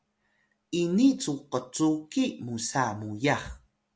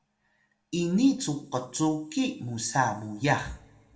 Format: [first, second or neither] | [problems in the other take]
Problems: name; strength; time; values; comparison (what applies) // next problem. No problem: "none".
first | room echo; dies away in 0.4 s